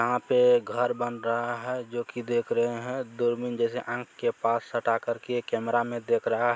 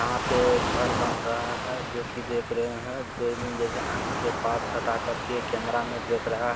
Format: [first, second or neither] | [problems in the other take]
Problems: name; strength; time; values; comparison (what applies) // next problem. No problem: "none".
first | background sound (Waves, surf); 1 dB below the speech